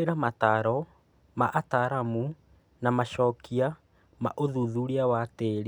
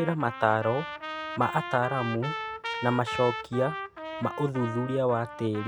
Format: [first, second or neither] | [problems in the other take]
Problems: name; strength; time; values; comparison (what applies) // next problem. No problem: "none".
first | background sound (Trumpet); 8 dB below the speech